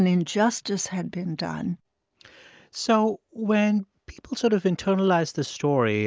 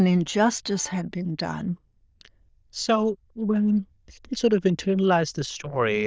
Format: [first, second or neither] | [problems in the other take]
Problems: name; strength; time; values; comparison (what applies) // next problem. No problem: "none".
first | noise reduction (neural diffusion model UNIVERSE++)